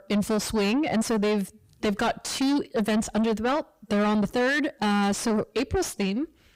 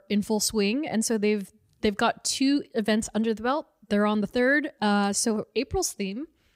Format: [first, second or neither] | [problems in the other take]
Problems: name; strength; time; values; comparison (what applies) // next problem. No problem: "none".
second | distortion; heavy; 7 dB below the speech